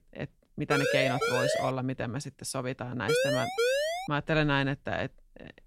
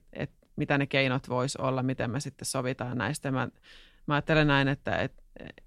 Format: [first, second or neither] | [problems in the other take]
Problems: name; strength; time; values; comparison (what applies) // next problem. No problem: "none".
second | siren; loud; from 0.5 to 1.5 s and at 3 s; peak 4 dB above the speech